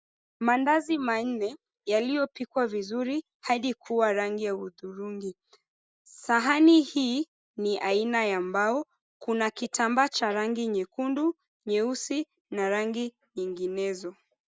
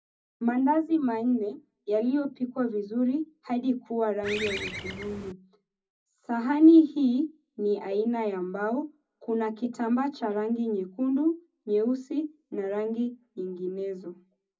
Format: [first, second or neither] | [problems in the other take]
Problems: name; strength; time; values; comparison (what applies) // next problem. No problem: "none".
first | background sound (Bird); 9 dB below the speech // room echo; dies away in 0.4 s